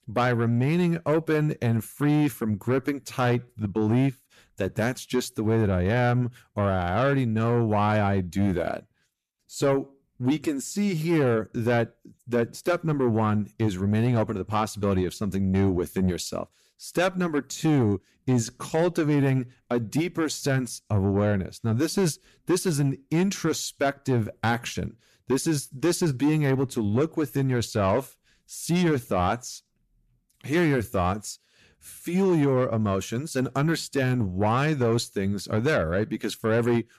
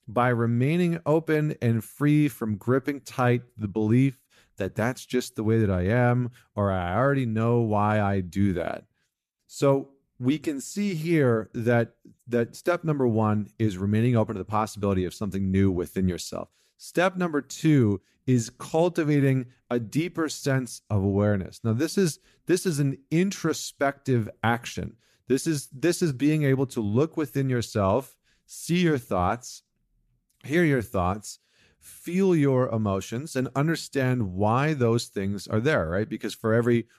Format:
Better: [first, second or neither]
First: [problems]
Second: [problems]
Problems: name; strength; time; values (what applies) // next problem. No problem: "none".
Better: second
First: distortion; slight; 10 dB below the speech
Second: none